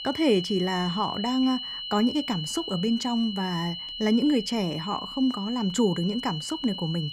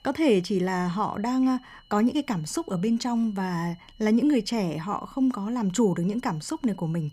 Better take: second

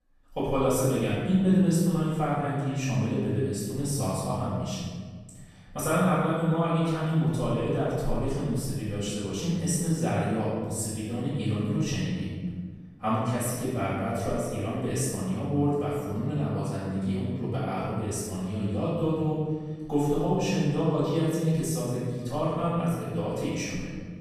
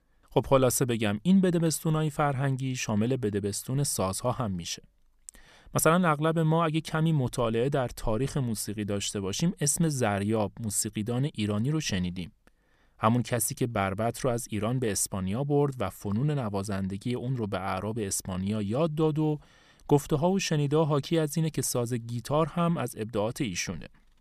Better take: second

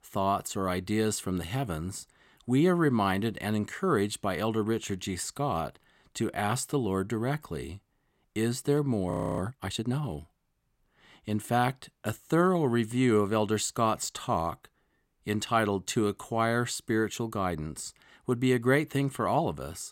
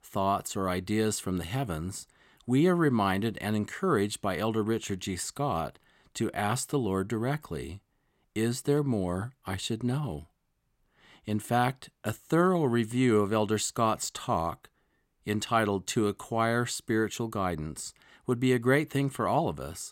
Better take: second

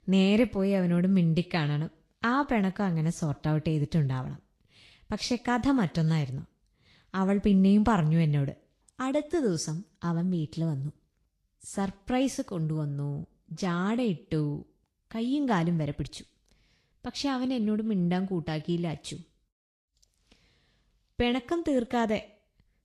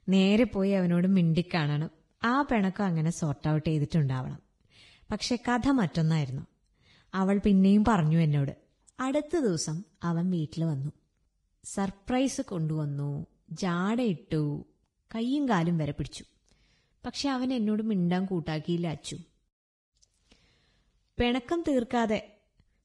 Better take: first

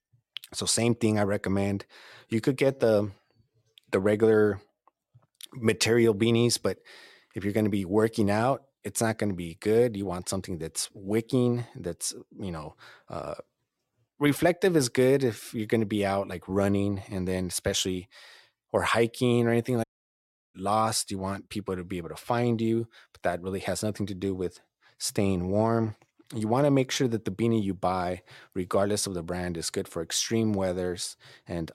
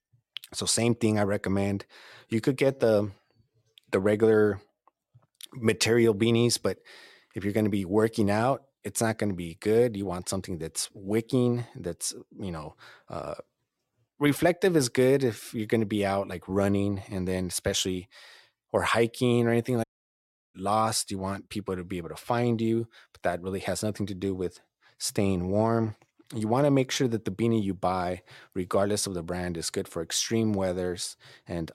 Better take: neither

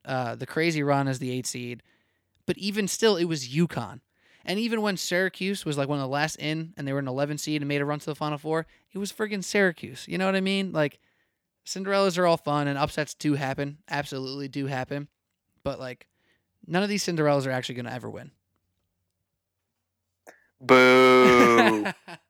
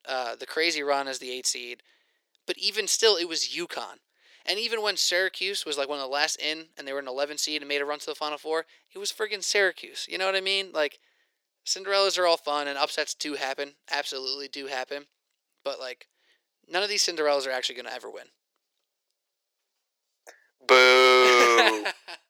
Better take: first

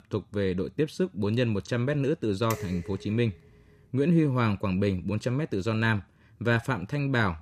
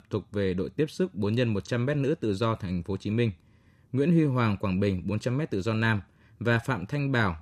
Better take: second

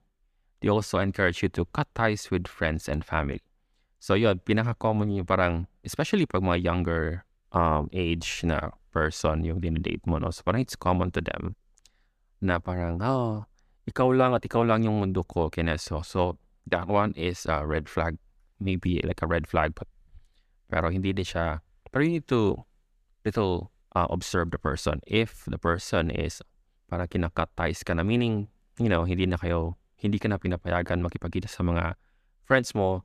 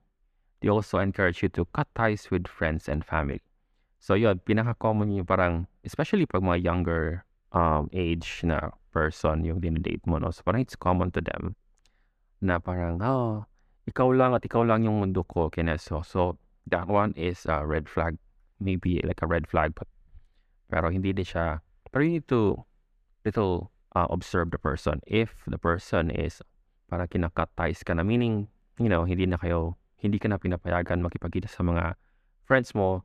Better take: first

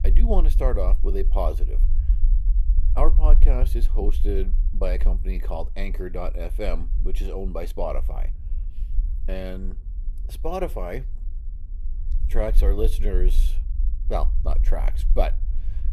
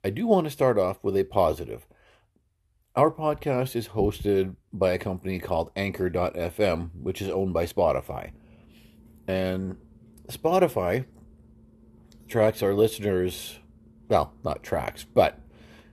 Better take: second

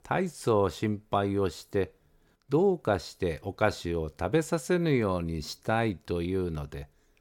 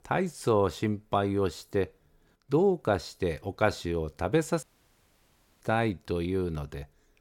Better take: first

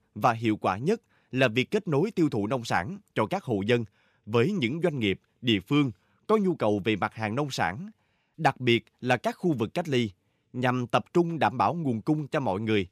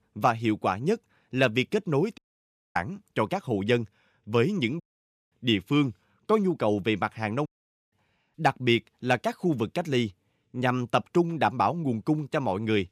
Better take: first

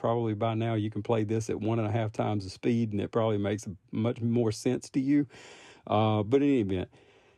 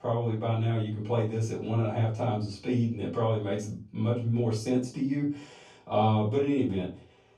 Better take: first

